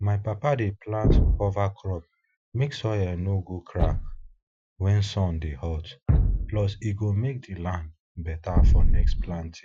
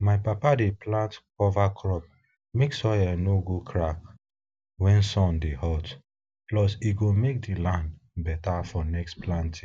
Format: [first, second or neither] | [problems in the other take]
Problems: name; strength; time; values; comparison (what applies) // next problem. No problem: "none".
second | noise reduction (classical method Wiener filter)